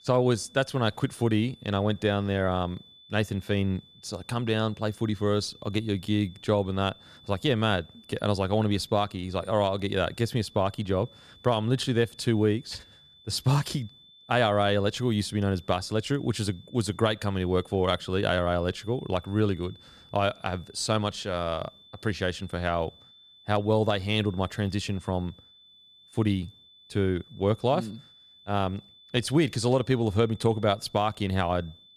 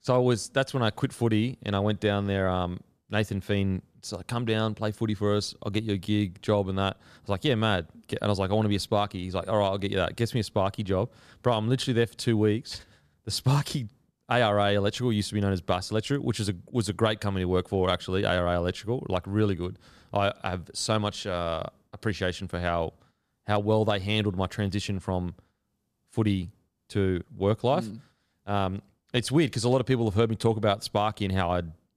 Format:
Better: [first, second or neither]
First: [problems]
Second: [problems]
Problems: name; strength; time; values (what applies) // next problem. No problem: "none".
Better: second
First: high-pitched whine; faint; throughout; 3.5 kHz, 25 dB below the speech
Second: none